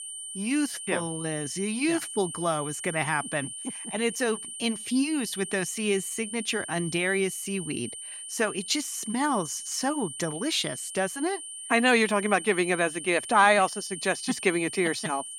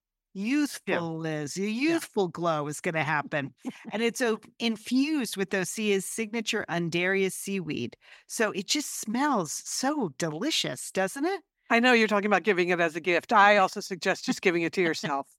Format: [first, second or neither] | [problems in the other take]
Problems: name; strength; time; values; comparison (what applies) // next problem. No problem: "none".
second | high-pitched whine; loud; throughout; 9 kHz, 9 dB below the speech